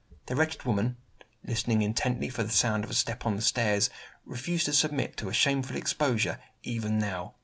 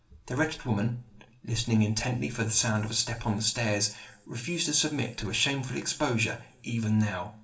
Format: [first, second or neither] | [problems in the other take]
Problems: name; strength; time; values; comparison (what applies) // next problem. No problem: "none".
first | room echo; dies away in 0.4 s